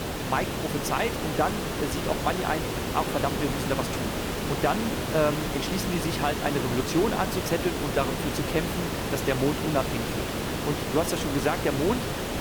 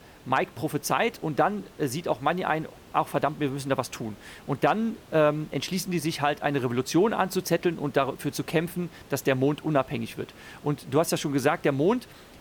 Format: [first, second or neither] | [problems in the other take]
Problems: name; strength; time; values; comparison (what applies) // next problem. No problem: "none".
second | hiss; loud; throughout; 1 dB below the speech; faint in the second